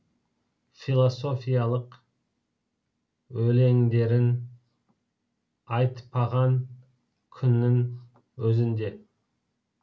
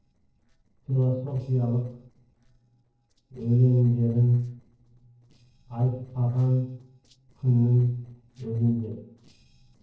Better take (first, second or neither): first